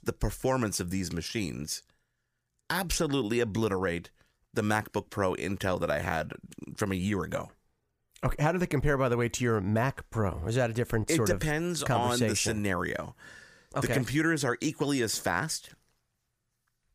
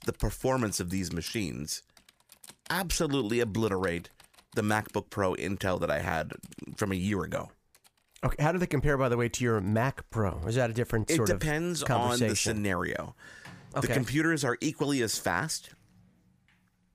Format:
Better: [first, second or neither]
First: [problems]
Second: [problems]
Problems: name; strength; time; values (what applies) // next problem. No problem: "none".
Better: first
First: none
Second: household noises; faint; throughout; 25 dB below the speech